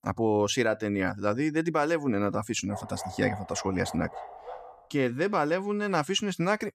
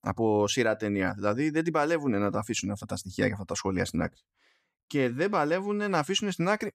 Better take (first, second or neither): second